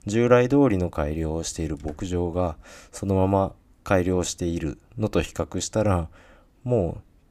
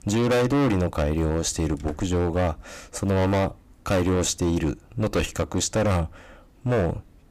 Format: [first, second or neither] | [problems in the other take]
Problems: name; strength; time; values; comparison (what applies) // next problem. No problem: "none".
first | distortion; heavy; 17% of the sound clipped